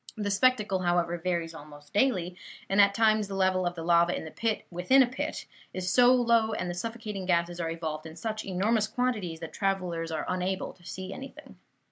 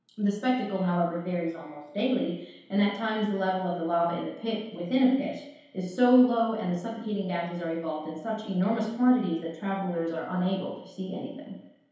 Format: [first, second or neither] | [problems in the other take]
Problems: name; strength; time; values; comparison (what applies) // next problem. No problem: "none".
first | room echo; dies away in 2.2 s